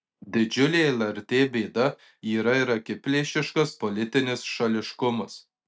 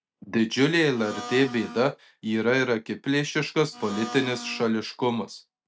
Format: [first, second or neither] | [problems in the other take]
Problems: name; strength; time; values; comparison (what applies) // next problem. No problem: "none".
first | background sound (Domestic sounds, home sounds); 12 dB below the speech